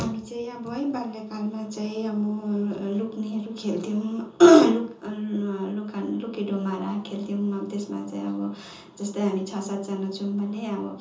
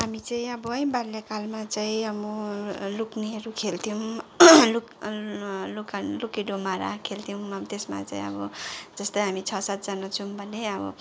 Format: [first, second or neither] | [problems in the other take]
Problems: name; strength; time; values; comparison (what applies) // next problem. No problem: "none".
second | room echo; dies away in 0.6 s